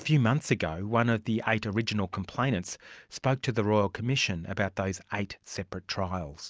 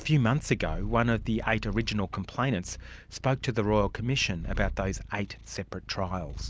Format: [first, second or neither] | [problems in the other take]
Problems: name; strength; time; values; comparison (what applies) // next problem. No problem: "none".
first | background sound (Purr); 9 dB below the speech